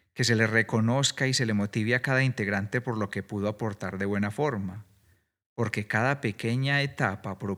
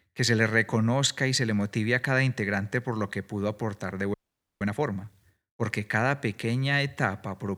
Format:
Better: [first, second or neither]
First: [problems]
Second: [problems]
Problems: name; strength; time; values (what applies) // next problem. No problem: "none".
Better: first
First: none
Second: audio freezing; at 4 s